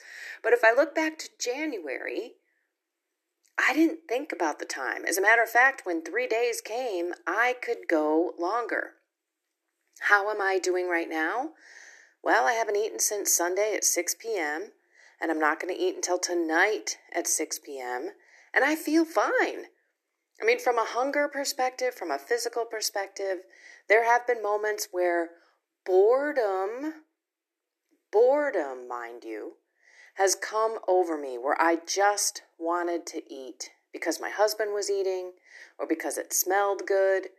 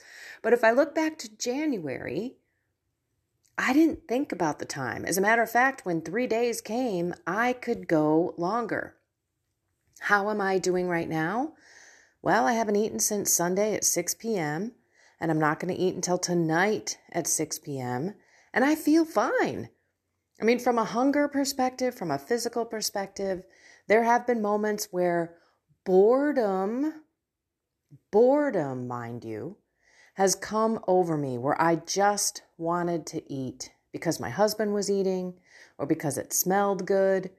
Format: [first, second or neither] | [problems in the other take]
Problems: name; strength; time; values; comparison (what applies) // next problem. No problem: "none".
second | thin; very; fading below 300 Hz